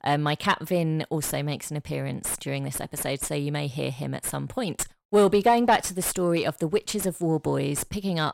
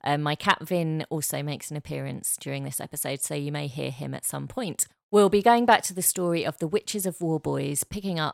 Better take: second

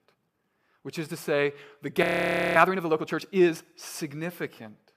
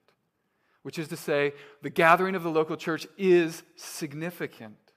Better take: second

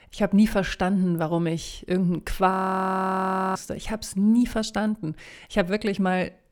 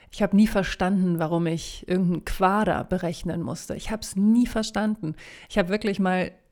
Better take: second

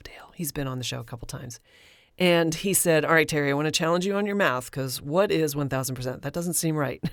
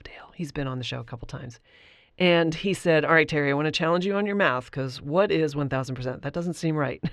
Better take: first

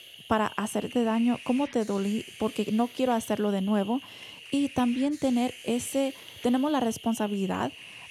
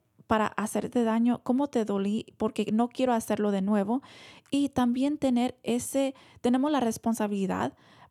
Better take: second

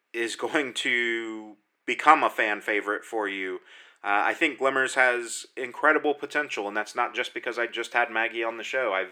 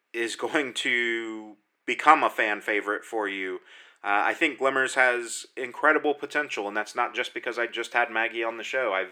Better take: neither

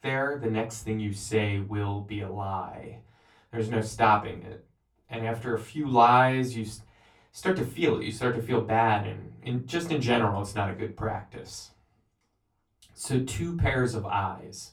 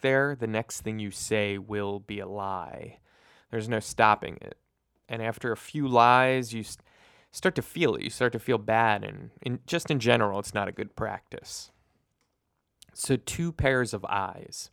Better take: second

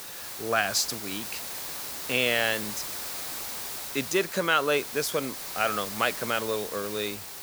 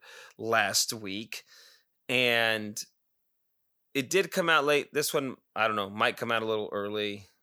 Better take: second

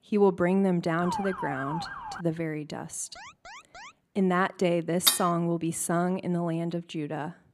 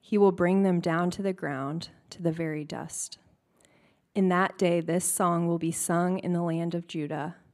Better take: second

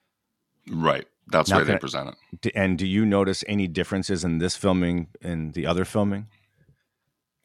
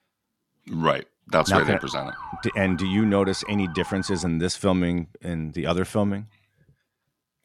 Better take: first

